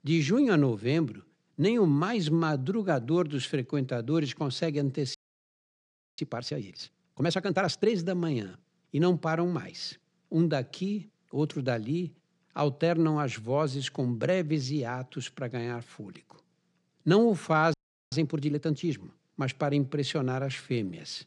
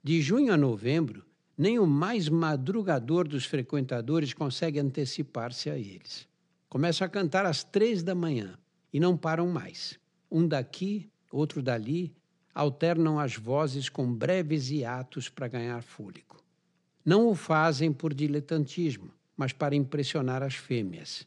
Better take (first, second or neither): second